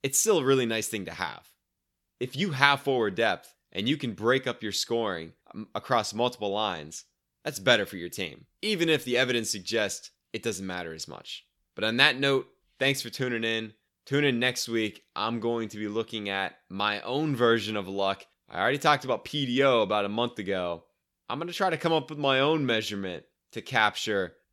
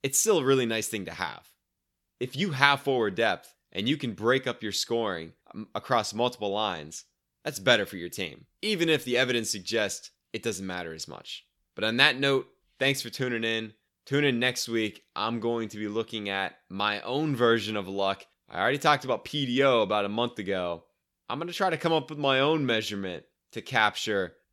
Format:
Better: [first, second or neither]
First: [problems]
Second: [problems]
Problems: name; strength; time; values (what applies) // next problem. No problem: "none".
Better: neither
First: none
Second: none